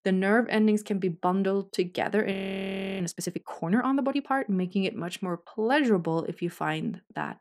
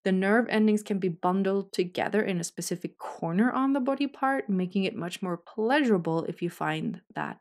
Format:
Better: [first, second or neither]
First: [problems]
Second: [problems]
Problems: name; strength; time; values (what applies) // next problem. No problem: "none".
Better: second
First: audio freezing; at 2.5 s for 0.5 s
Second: none